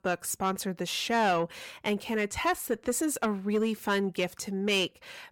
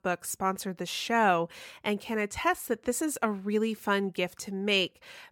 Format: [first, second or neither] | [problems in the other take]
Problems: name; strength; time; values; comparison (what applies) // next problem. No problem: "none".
second | distortion; slight; 10 dB below the speech